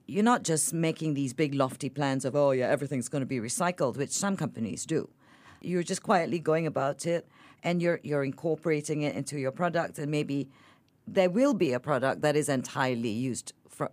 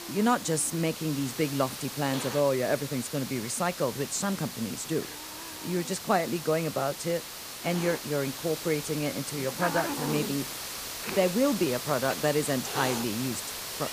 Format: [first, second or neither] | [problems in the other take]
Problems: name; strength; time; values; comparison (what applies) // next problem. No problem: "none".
first | hiss; loud; throughout; 6 dB below the speech